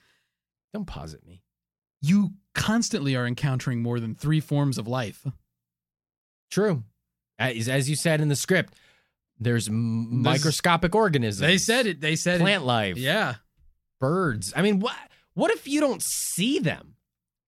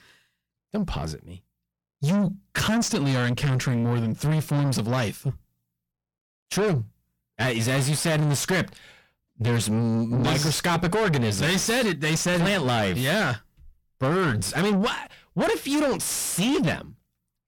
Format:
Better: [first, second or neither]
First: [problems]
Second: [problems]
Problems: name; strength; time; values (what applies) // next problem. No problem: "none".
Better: first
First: none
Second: distortion; heavy; 6 dB below the speech